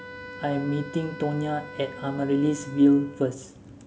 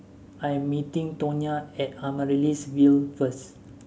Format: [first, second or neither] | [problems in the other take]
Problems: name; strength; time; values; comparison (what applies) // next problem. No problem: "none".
second | background sound (Wind instrument, woodwind instrument); 16 dB below the speech